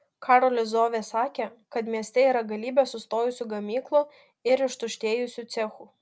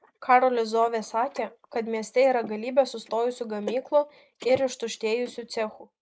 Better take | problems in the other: first | noise reduction (neural mask model Resemble Enhance denoiser)

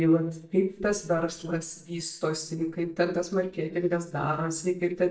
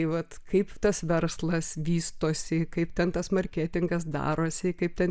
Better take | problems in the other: second | noise reduction (neural mask model DeepFilterNet 3)

